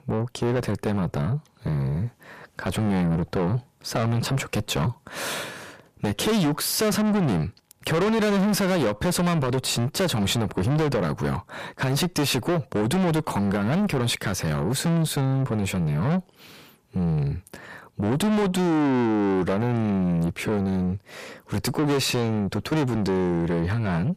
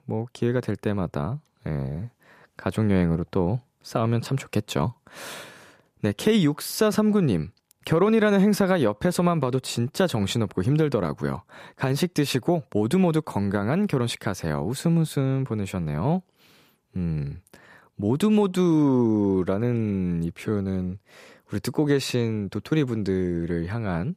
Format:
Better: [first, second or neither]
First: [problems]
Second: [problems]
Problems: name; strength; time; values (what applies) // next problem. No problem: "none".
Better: second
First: distortion; heavy; 5 dB below the speech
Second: none